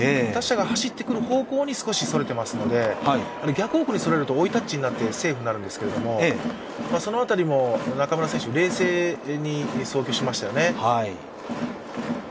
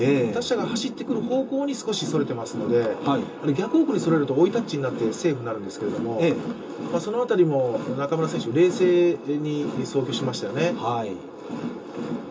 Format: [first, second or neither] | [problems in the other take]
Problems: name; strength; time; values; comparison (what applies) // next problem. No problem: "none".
first | room echo; dies away in 0.2 s